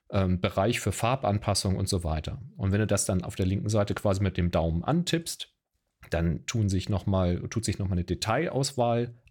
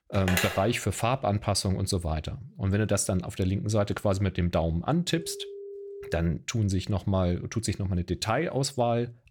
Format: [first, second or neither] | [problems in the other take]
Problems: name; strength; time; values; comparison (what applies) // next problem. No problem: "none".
first | phone ringing; noticeable; at the start; peak level with the speech // phone ringing; faint; from 5 to 6 s; peak 15 dB below the speech